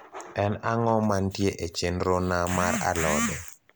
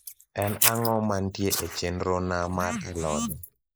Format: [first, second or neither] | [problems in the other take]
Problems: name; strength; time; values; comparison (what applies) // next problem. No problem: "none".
first | noise reduction (neural mask model Resemble Enhance denoiser)